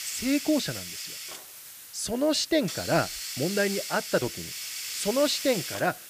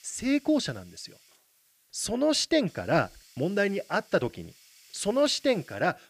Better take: second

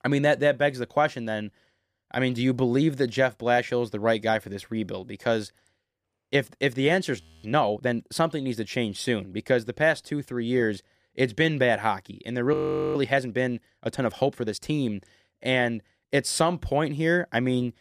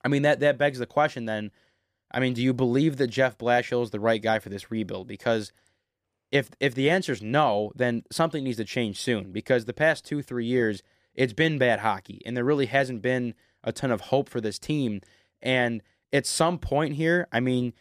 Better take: second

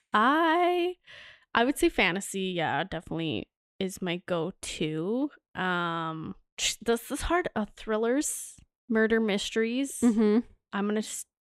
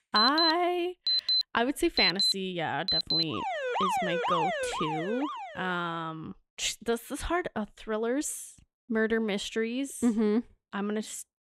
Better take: first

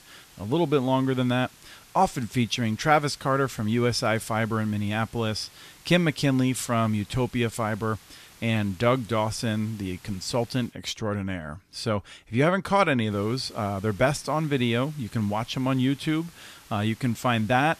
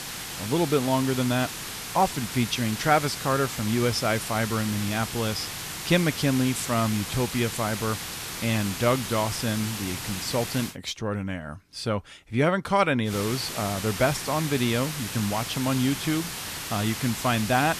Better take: first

